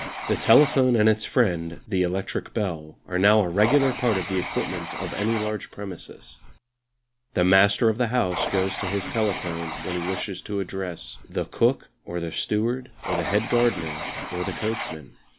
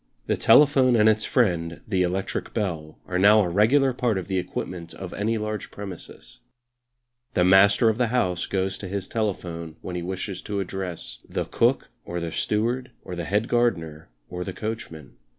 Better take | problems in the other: second | background sound (Writing); 10 dB below the speech

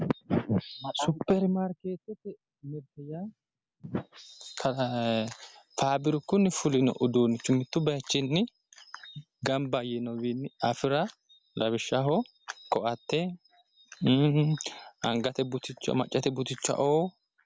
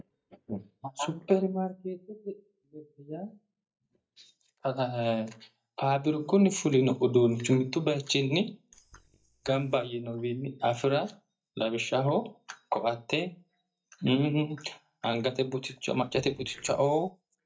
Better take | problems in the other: first | noise reduction (neural mask model DeepFilterNet 3)

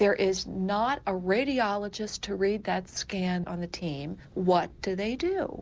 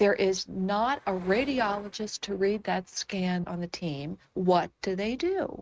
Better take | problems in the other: first | noise reduction (neural mask model RNNoise)

